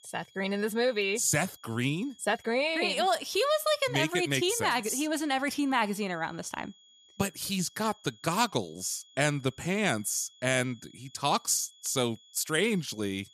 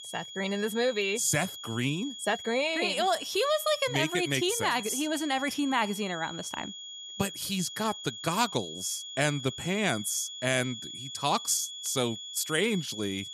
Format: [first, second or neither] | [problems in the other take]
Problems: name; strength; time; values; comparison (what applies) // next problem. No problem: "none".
first | high-pitched whine; loud; throughout; 3.5 kHz, 10 dB below the speech; faint in the first